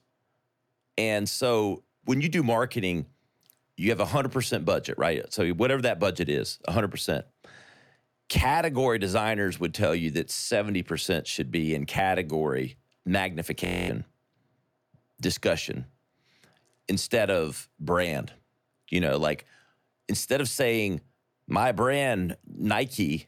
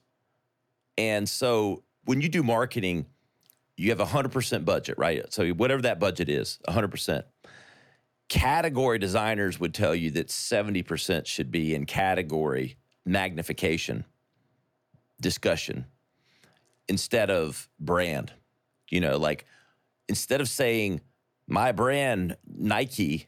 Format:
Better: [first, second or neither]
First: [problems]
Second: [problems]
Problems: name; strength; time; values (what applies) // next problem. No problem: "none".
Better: second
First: audio freezing; at 14 s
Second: none